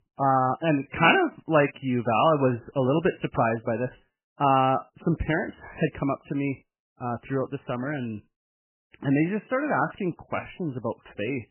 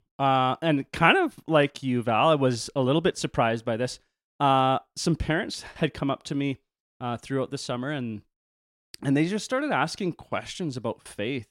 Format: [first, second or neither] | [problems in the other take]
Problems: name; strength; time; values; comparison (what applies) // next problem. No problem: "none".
second | garbled, watery; badly; nothing above 3 kHz